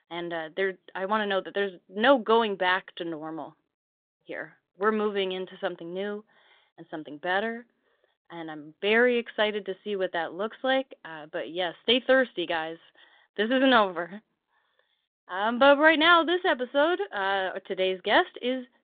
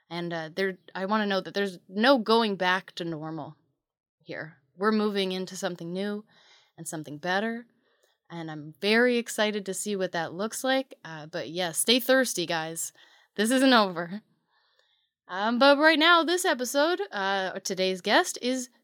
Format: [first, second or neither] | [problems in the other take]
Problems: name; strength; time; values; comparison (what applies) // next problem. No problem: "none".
second | phone-call audio